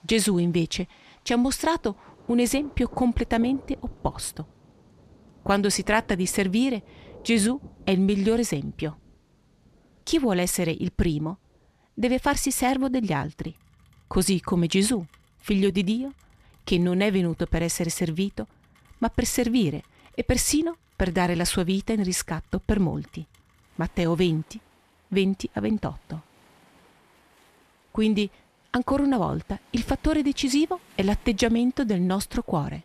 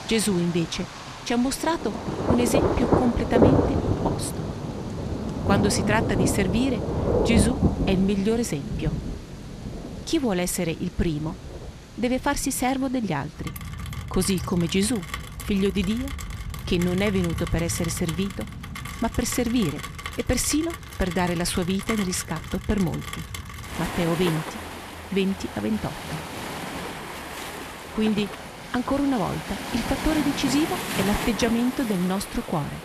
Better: first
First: rain or running water; faint; throughout; 30 dB below the speech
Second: rain or running water; loud; throughout; 4 dB below the speech

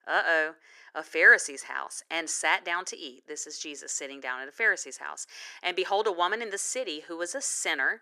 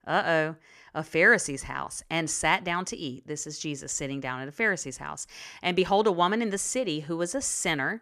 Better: second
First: thin; very; fading below 350 Hz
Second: none

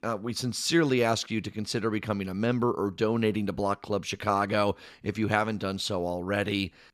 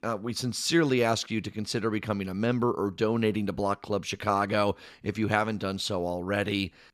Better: neither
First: none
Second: none

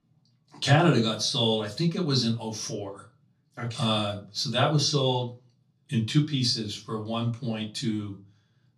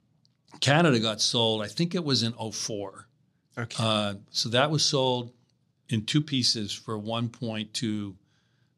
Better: second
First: off-mic speech; far // room echo; very slight; dies away in 0.2 s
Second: none

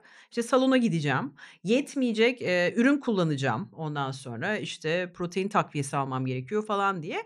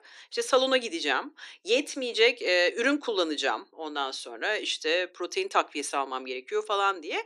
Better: first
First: none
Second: thin; somewhat; fading below 300 Hz

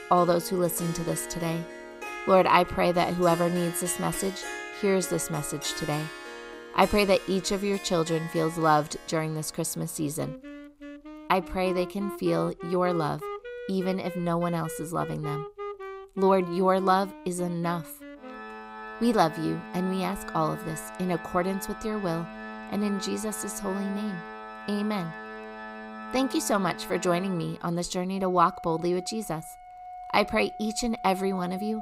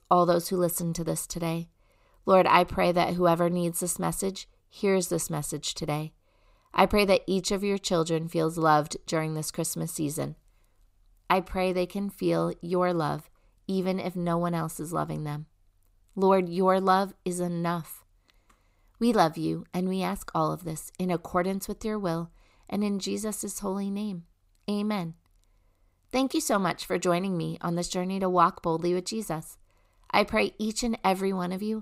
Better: second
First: background music; noticeable; throughout; 10 dB below the speech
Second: none

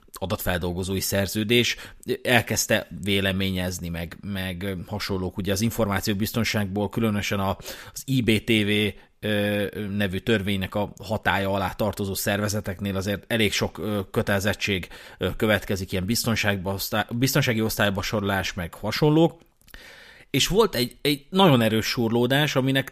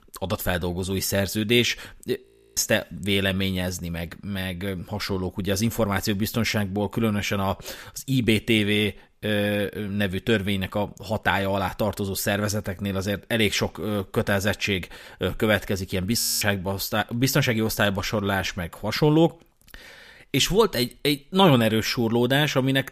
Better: first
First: none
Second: audio freezing; at 2.5 s and at 16 s

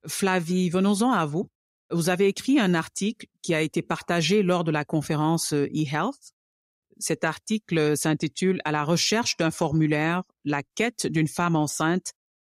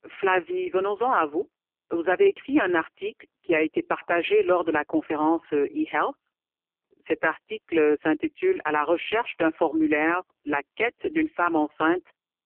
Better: first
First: none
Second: phone-call audio; poor line; nothing above 3 kHz

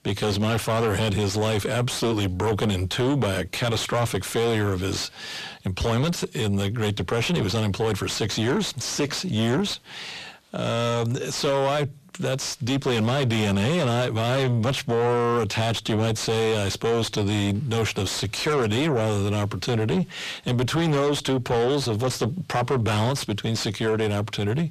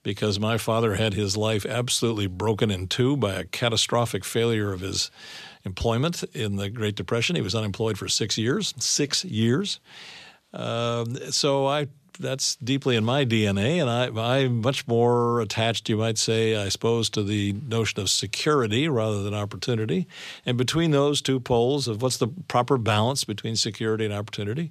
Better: second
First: distortion; heavy; 6 dB below the speech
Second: none

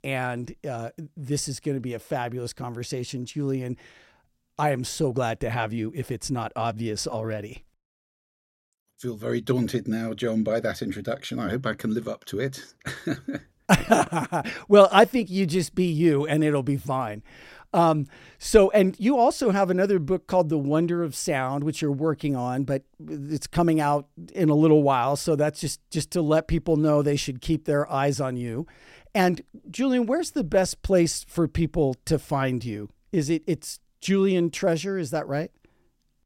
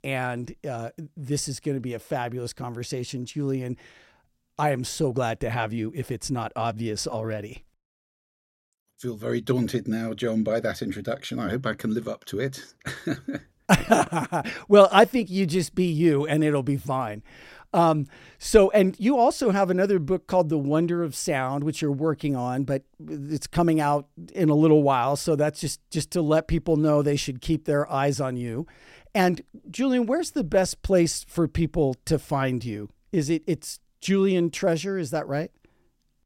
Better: neither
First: none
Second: none

